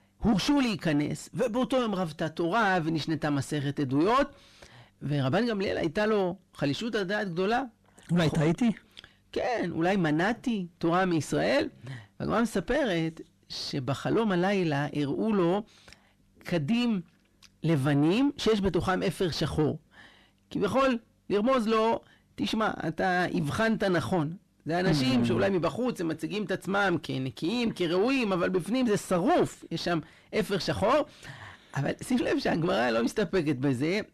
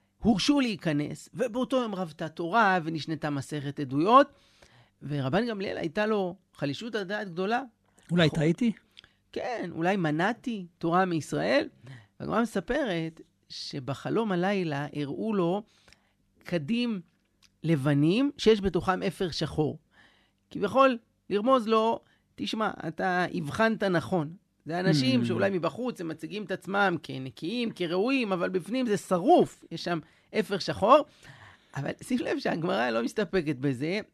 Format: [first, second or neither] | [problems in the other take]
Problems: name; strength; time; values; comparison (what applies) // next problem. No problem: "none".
second | distortion; heavy; 6 dB below the speech